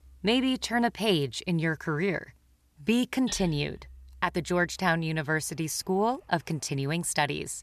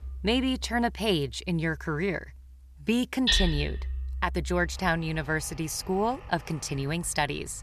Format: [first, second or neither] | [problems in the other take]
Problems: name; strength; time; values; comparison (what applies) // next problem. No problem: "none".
first | machinery noise; loud; throughout; 4 dB below the speech; faint in the first